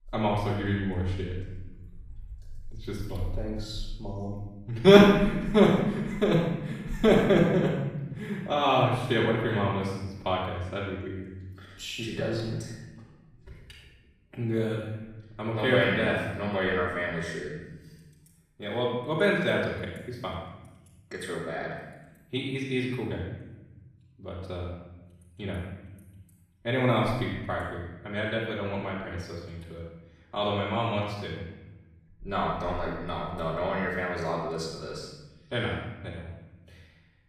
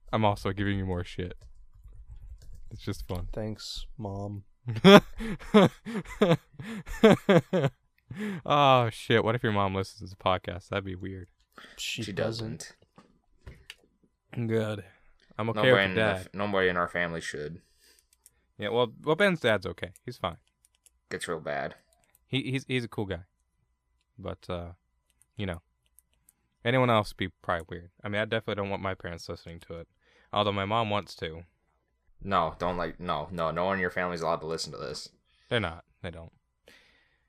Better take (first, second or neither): second